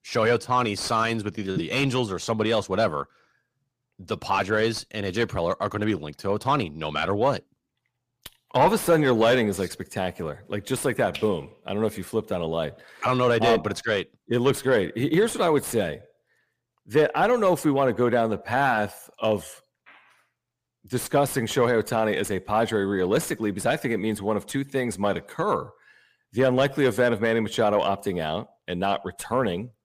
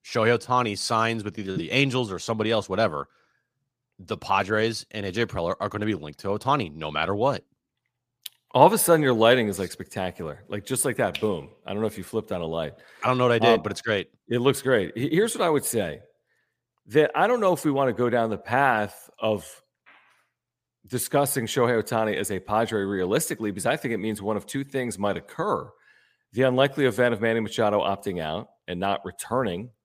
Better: second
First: distortion; slight; 10 dB below the speech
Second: none

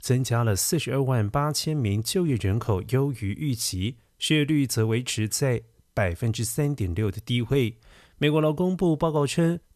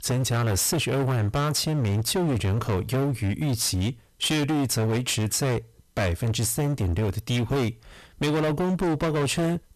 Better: first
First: none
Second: distortion; heavy; 31% of the sound clipped

